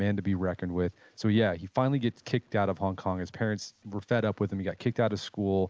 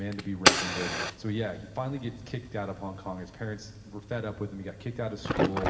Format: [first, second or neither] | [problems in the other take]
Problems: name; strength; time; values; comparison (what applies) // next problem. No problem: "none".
first | background sound (Fire); 3 dB above the speech // room echo; dies away in 1.7 s